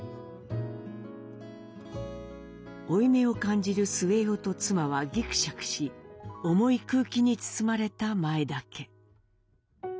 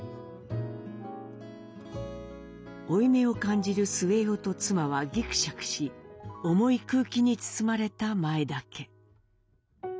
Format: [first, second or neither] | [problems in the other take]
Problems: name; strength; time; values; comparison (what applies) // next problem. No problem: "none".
first | background sound (Wind instrument, woodwind instrument); 19 dB below the speech